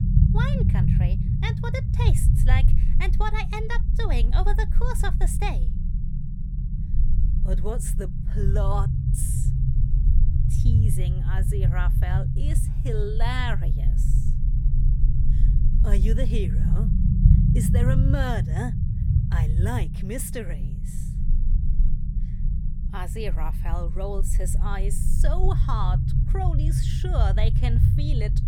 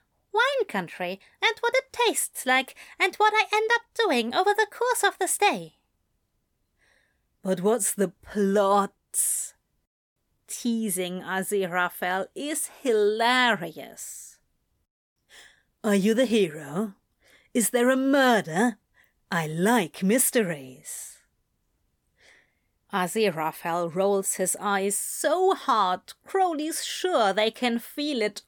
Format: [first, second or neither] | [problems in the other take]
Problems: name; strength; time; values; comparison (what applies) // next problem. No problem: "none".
second | low rumble; loud; throughout; 5 dB below the speech